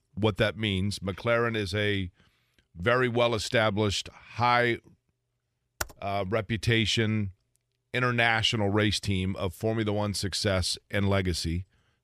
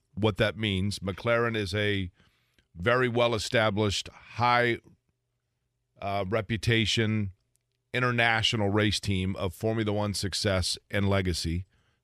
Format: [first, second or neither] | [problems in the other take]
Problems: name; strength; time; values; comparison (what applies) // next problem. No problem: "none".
second | keyboard typing; very faint; at 6 s; peak 10 dB below the speech